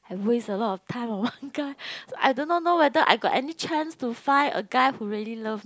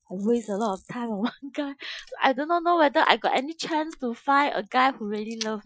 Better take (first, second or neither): first